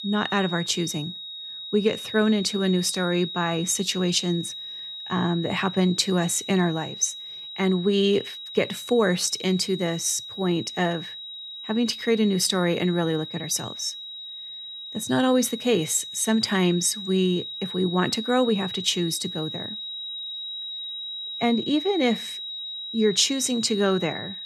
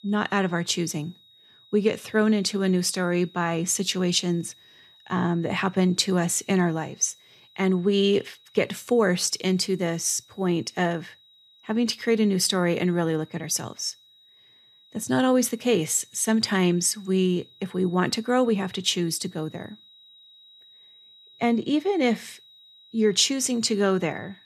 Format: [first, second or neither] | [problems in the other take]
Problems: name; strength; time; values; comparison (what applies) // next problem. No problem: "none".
second | high-pitched whine; loud; throughout; 4 kHz, 9 dB below the speech; faint in the second